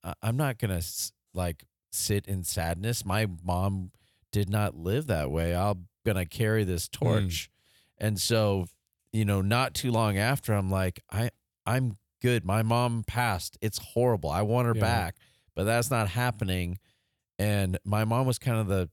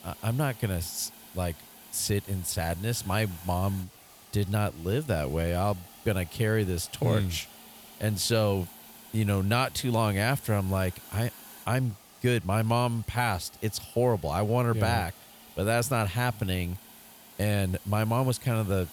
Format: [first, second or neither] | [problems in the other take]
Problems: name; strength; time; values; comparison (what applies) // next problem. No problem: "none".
first | hiss; noticeable; throughout; 20 dB below the speech